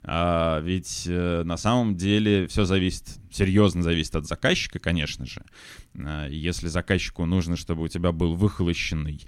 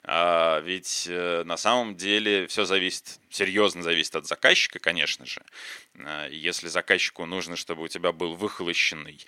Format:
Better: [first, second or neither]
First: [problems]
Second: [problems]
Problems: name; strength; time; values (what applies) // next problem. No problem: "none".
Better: first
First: none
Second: thin; very; fading below 500 Hz